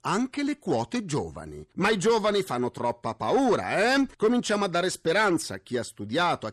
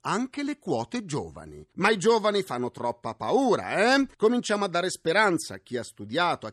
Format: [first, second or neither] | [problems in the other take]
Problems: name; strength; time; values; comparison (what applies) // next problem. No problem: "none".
second | distortion; slight; 10 dB below the speech